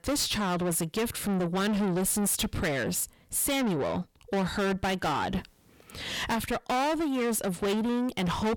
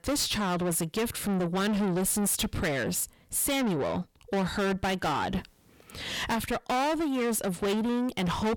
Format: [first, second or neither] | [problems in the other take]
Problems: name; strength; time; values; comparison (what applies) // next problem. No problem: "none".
neither | distortion; heavy; 5 dB below the speech; the same in both